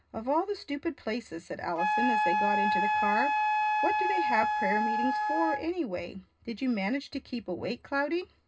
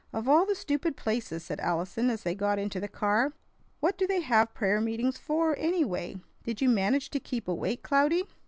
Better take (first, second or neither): second